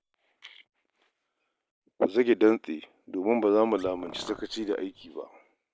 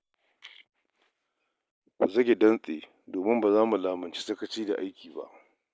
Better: second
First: background sound (Car); 18 dB below the speech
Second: none

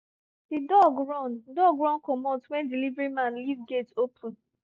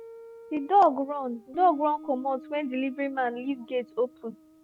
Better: first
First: none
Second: background sound (Guitar); 19 dB below the speech

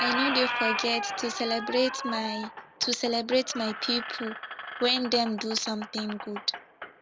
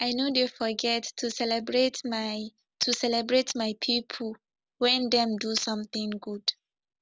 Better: second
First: background sound (Squeak); 5 dB below the speech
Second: none

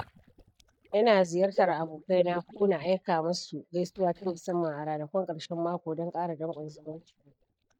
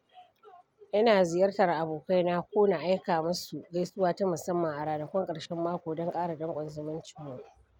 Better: second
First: noise reduction (neural mask model DeepFilterNet 3)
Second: none

